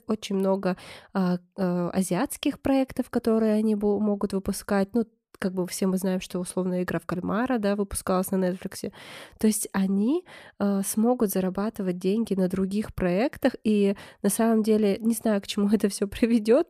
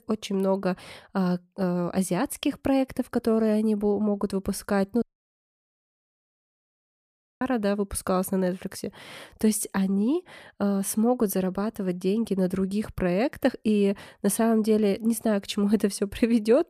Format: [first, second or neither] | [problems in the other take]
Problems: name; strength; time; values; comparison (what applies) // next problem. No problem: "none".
first | audio cutting out; at 5 s for 2.5 s